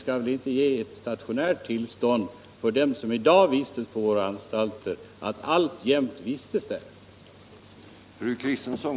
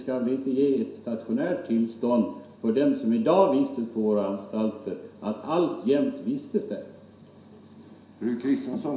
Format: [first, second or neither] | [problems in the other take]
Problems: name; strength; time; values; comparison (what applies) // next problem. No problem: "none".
first | room echo; dies away in 0.7 s